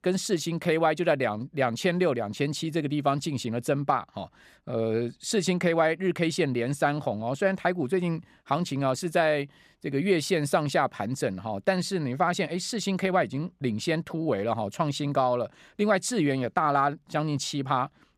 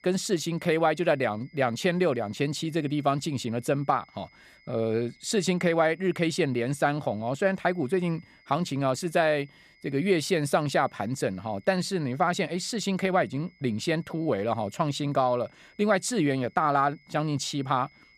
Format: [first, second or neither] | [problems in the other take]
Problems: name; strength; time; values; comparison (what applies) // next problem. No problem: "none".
first | high-pitched whine; faint; throughout; 2 kHz, 30 dB below the speech